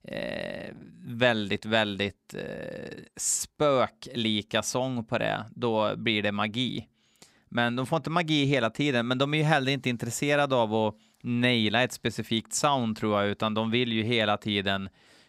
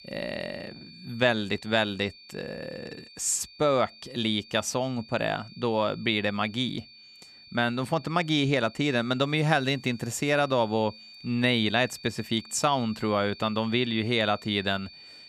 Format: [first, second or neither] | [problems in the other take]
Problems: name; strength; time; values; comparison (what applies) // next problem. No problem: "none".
first | high-pitched whine; noticeable; throughout; 4.5 kHz, 20 dB below the speech